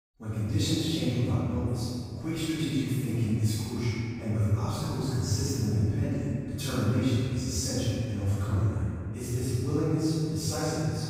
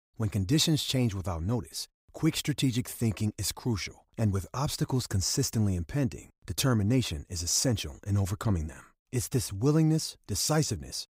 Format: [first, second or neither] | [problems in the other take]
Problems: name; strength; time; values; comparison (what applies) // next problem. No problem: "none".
second | room echo; strong; dies away in 2.4 s // off-mic speech; far